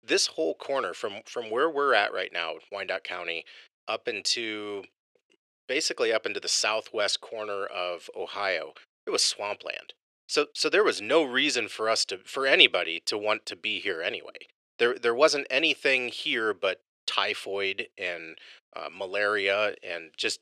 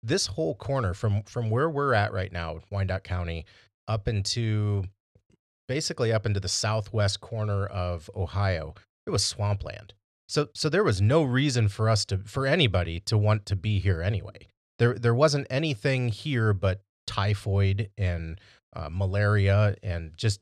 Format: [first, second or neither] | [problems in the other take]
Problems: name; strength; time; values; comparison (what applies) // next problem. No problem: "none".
second | thin; very; fading below 350 Hz